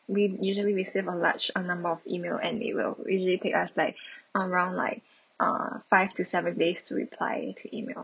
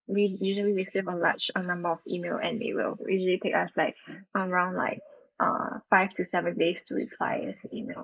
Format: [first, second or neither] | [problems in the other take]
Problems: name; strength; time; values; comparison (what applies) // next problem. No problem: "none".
first | noise reduction (neural mask model Resemble Enhance denoiser)